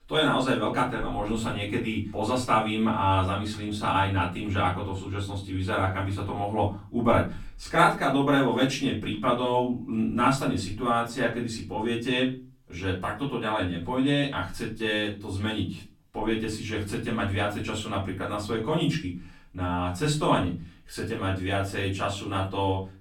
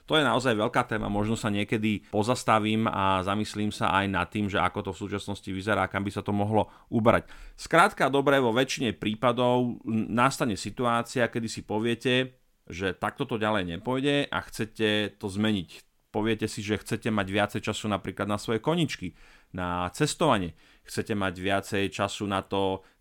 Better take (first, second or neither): second